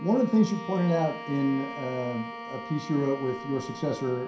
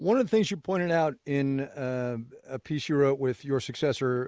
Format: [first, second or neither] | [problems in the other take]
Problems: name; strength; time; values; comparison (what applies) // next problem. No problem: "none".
second | background sound (Bowed string instrument); 12 dB below the speech // room echo; dies away in 0.5 s